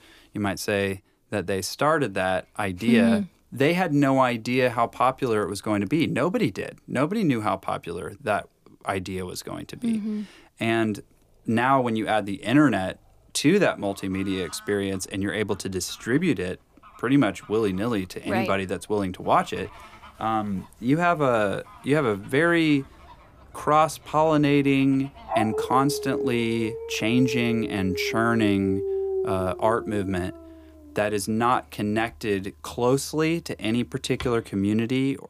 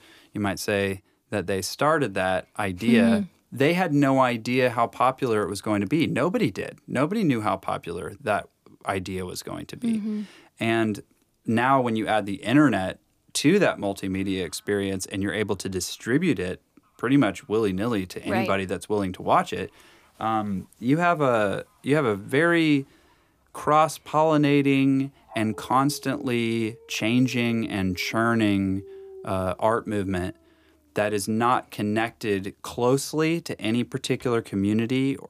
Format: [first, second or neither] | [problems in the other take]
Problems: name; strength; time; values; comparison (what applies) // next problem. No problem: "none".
second | animal sounds; loud; throughout; 8 dB below the speech; faint in the second